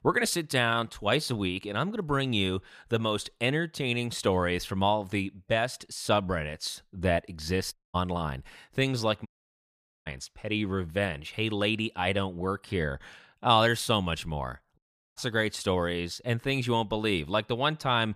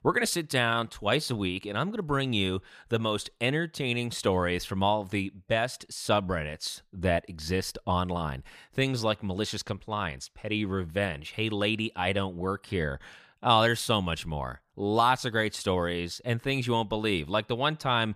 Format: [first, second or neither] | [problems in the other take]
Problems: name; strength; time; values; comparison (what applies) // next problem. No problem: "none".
second | audio cutting out; at 7.5 s, at 9.5 s for 1 s and at 15 s